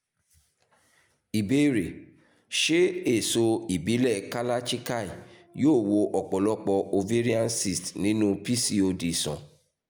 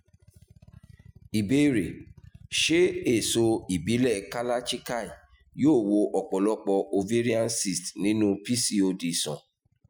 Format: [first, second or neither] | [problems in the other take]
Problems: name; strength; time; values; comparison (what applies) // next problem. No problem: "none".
first | noise reduction (classical method Wiener filter)